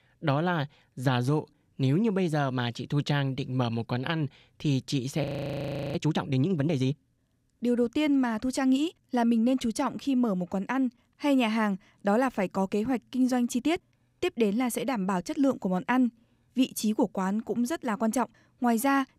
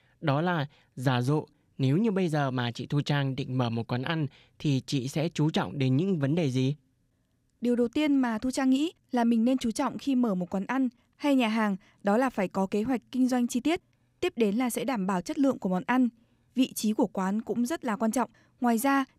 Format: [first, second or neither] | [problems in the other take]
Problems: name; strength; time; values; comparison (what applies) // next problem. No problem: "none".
second | audio freezing; at 5 s for 0.5 s